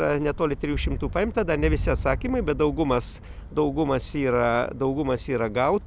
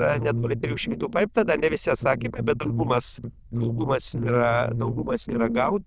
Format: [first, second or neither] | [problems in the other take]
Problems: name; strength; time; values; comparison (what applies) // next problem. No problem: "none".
first | noise reduction (neural diffusion model UNIVERSE++)